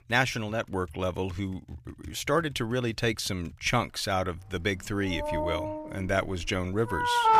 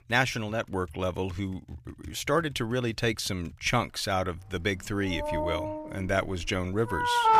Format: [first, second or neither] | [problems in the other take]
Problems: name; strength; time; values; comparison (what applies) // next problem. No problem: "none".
neither | household noises; loud; throughout; 4 dB below the speech; the same in both